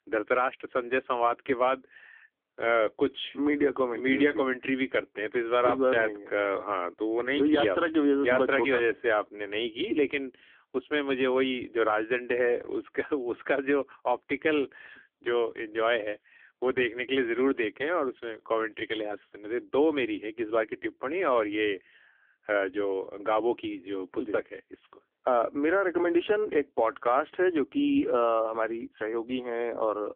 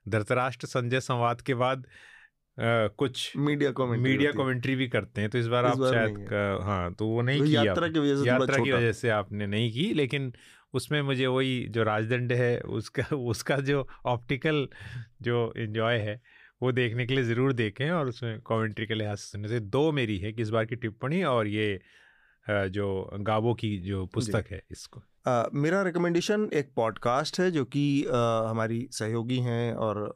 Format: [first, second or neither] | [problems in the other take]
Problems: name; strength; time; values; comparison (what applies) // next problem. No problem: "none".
second | phone-call audio; poor line; nothing above 3.5 kHz